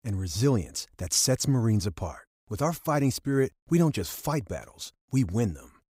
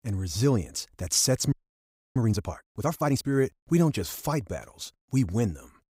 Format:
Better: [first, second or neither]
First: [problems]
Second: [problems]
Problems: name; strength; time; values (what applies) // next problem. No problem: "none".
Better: first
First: none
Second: audio freezing; at 1.5 s for 0.5 s